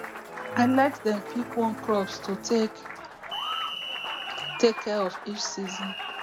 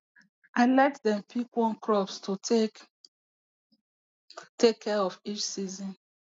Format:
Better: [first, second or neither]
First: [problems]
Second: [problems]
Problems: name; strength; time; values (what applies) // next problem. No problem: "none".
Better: second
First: background sound (Applause); 7 dB below the speech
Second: none